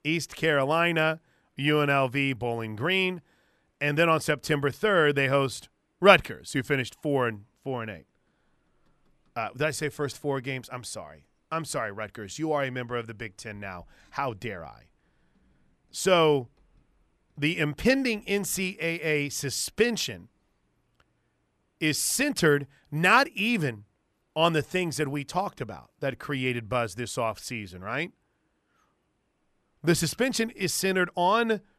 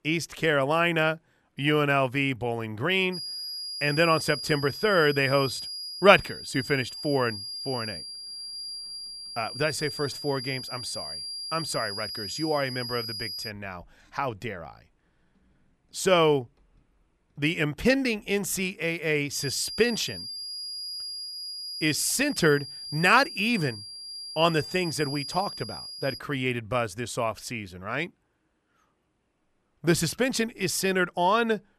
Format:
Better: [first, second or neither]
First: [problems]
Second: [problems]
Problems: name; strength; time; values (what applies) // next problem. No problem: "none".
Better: first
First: none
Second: high-pitched whine; loud; from 3 to 13 s and from 19 to 26 s; 5 kHz, 8 dB below the speech